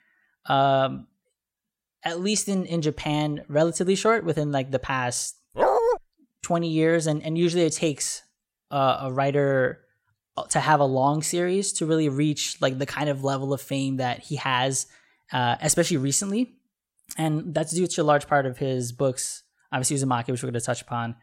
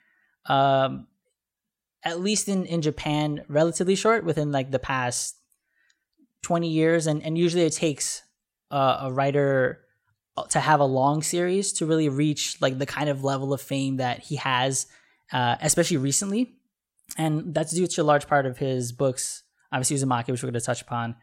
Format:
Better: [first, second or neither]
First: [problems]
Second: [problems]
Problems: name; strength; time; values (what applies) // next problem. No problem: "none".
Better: second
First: dog barking; loud; at 5.5 s; peak 4 dB above the speech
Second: none